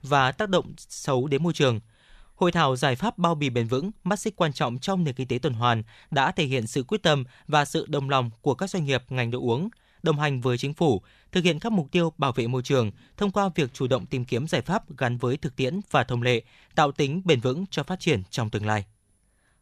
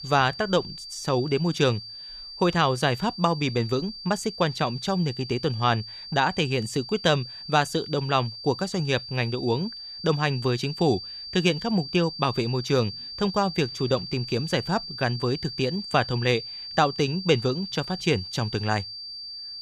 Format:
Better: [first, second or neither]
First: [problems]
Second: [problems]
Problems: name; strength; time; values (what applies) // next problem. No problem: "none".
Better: first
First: none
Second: high-pitched whine; loud; throughout; 4.5 kHz, 10 dB below the speech